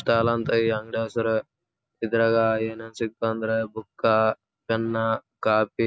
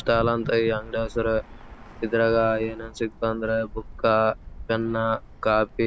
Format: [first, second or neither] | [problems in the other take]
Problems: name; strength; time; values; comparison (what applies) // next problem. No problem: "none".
first | background sound (Bird); 16 dB below the speech